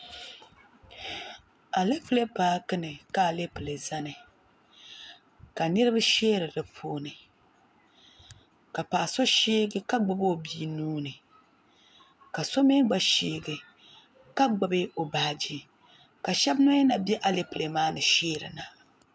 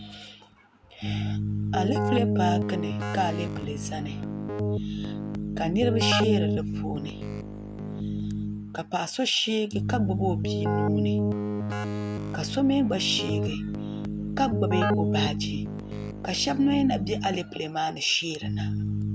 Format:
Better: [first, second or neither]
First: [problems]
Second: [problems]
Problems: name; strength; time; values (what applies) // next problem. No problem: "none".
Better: first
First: none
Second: background sound (Keyboard (musical)); 1 dB above the speech